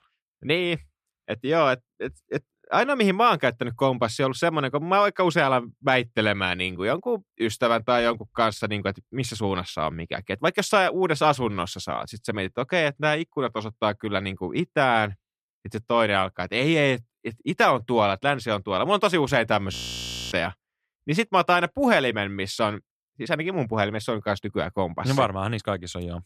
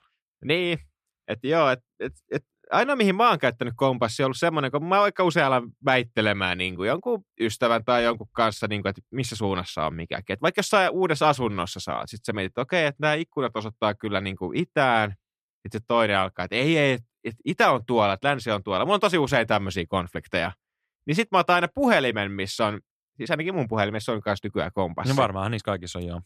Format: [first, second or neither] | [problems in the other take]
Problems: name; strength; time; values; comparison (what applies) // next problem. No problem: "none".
second | audio freezing; at 20 s for 0.5 s